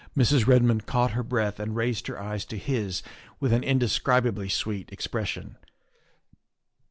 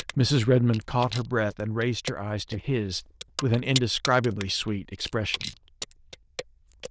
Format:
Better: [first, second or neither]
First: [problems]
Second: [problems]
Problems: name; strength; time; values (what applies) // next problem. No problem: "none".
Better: first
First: none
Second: noise reduction (neural diffusion model UNIVERSE++)